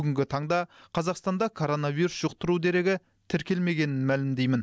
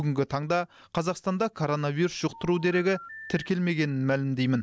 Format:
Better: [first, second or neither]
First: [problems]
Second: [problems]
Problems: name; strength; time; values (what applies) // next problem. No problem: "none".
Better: first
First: none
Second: background sound (Telephone); 18 dB below the speech